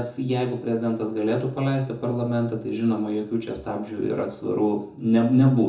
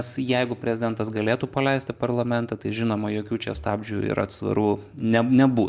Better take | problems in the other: second | room echo; dies away in 0.6 s

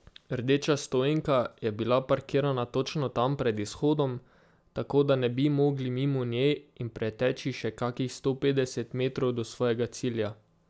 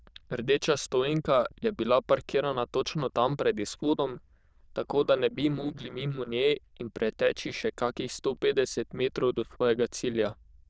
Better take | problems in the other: first | noise reduction (neural diffusion model UNIVERSE++)

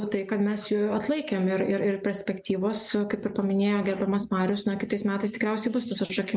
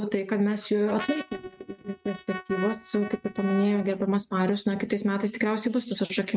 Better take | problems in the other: first | noise reduction (neural mask model RNNoise)

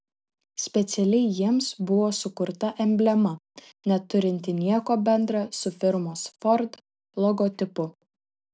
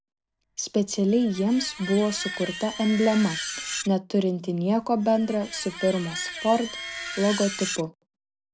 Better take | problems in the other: first | background sound (Screech); 11 dB below the speech

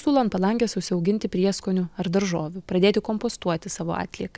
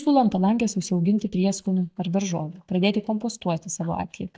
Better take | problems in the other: first | noise reduction (neural mask model DeepFilterNet 3)

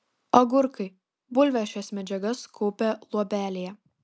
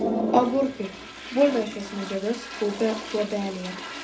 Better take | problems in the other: first | background sound (Toilet flush); 6 dB below the speech // room echo; dies away in 0.3 s

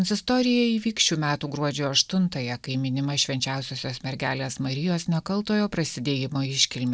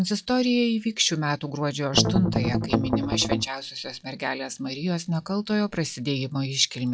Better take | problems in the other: first | noise reduction (classical method log-MMSE)

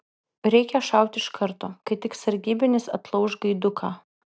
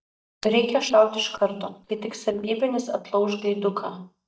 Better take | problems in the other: first | noise reduction (neural mask model DeepFilterNet 3)

